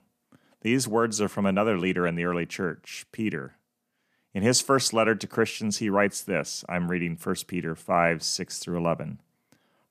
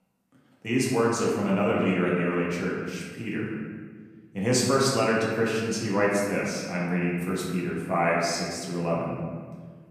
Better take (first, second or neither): first